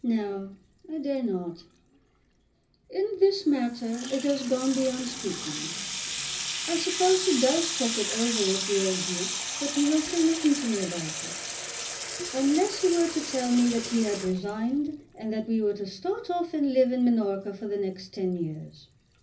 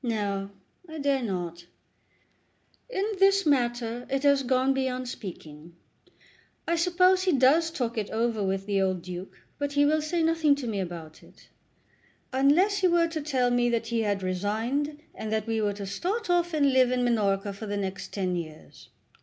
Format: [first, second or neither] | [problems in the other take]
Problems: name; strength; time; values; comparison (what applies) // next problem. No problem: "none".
second | background sound (Sink (filling or washing) / Water tap, faucet); 8 dB below the speech // room echo; dies away in 0.4 s